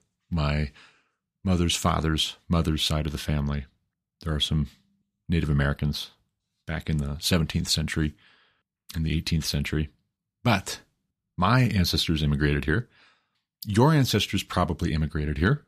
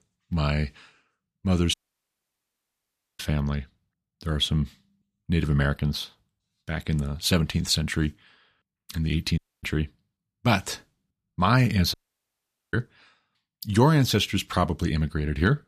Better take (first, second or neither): first